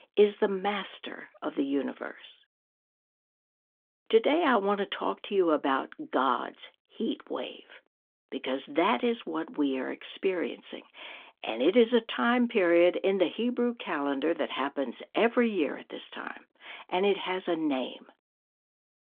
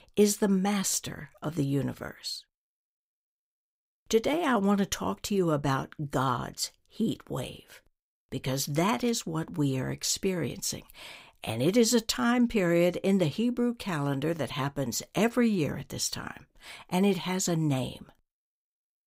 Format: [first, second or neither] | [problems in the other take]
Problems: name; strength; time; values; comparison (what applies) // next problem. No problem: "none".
second | phone-call audio; nothing above 3.5 kHz